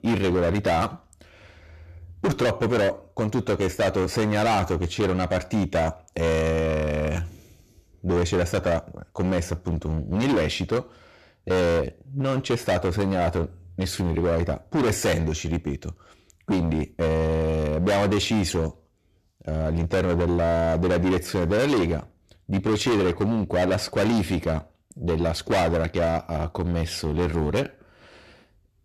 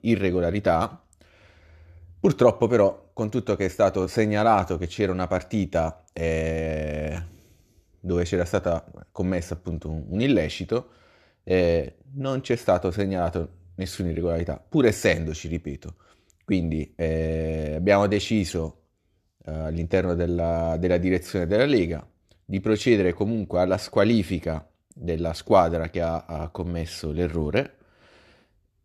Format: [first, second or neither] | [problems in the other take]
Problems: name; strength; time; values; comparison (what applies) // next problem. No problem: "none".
second | distortion; heavy; 18% of the sound clipped